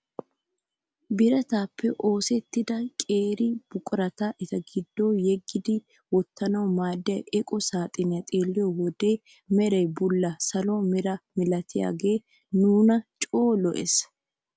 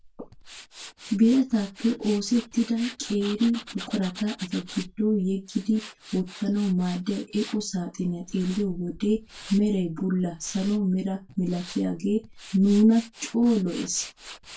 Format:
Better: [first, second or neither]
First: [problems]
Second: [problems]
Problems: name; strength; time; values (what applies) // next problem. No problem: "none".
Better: first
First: none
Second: background sound (Tools); 18 dB below the speech // room echo; dies away in 0.2 s